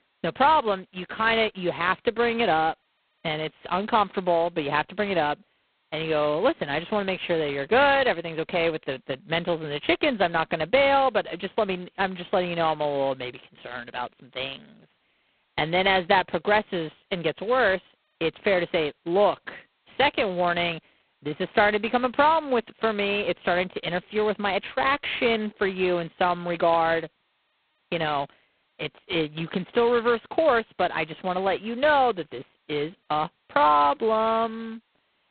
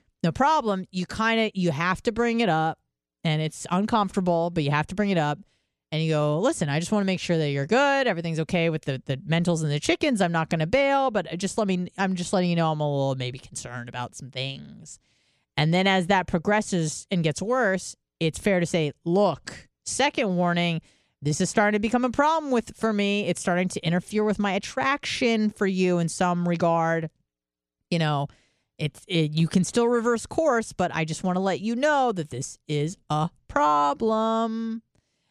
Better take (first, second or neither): second